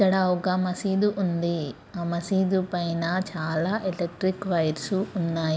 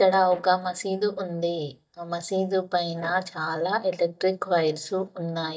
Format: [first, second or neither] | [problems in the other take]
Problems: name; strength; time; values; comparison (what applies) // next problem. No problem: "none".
first | noise reduction (neural mask model DeepFilterNet 3)